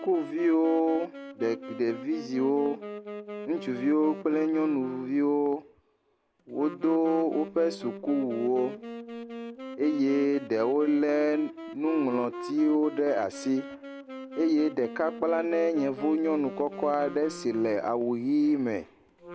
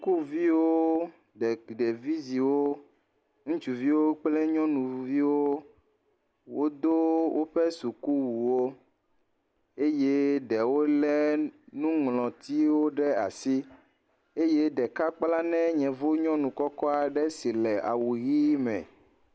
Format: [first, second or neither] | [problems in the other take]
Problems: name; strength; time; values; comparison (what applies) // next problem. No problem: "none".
second | background sound (Wind instrument, woodwind instrument); 13 dB below the speech